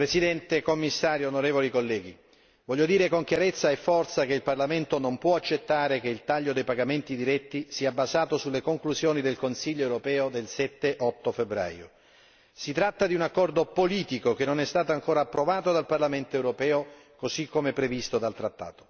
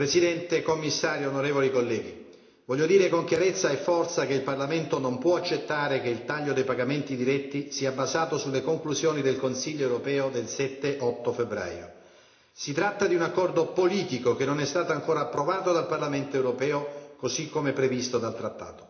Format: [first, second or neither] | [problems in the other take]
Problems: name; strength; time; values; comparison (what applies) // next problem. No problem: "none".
first | room echo; dies away in 0.8 s